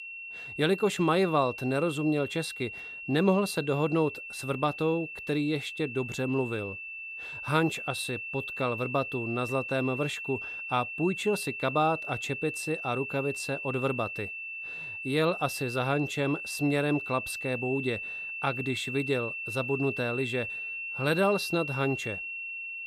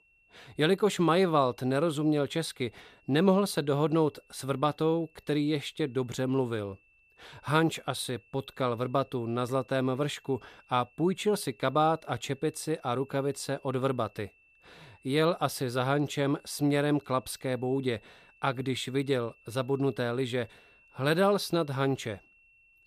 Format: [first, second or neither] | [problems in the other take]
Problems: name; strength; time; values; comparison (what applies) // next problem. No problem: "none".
second | high-pitched whine; loud; throughout; 2.5 kHz, 6 dB below the speech; faint in the second